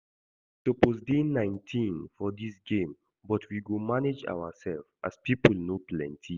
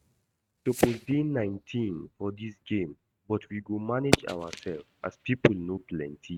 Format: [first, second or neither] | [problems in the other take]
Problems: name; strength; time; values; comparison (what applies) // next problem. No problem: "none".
first | noise reduction (neural mask model RNNoise)